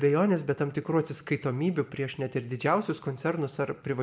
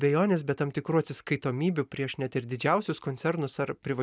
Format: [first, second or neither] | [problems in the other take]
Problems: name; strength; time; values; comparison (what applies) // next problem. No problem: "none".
second | room echo; dies away in 1.7 s